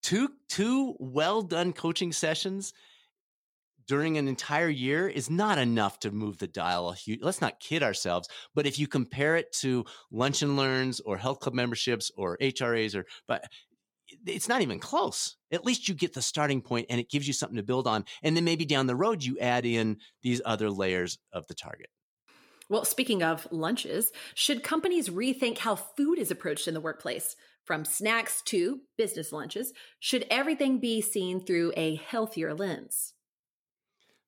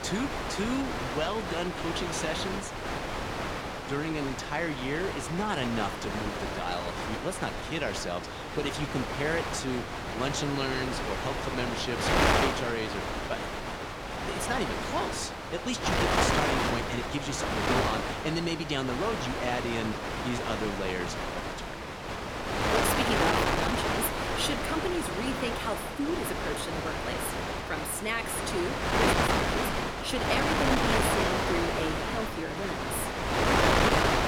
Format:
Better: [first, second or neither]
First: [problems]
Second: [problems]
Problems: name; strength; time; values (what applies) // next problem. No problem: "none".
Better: first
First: none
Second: wind noise on the microphone; heavy; 4 dB above the speech